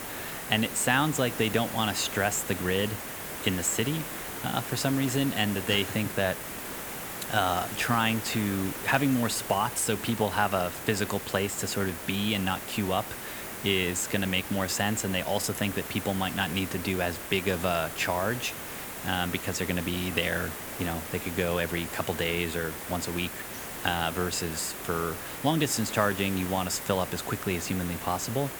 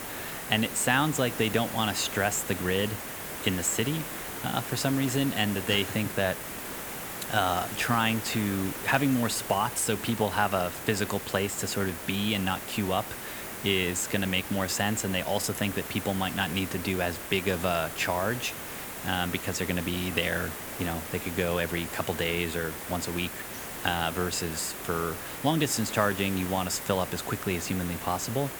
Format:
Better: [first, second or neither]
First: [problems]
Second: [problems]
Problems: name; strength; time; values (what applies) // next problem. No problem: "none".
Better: neither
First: hiss; loud; throughout; 7 dB below the speech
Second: hiss; loud; throughout; 7 dB below the speech